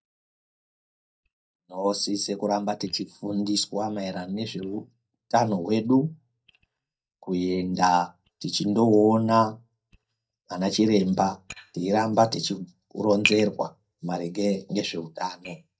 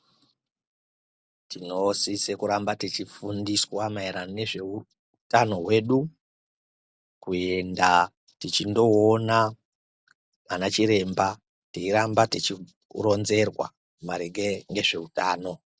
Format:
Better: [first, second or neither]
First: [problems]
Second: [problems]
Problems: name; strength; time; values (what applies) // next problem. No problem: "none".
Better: second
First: noise reduction (neural mask model DeepFilterNet 3)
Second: none